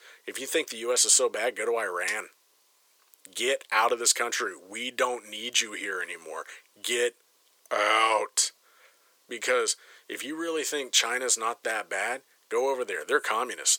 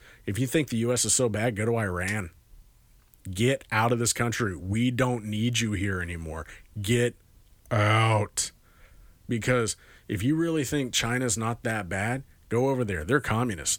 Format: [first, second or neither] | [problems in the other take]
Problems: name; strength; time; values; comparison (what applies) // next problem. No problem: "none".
second | thin; very; fading below 450 Hz